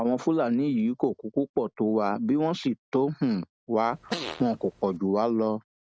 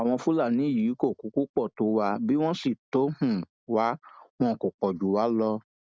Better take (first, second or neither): second